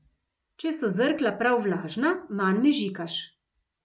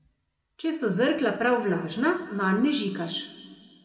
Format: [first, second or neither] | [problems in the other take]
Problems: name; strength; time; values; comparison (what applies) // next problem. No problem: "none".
first | room echo; dies away in 1.7 s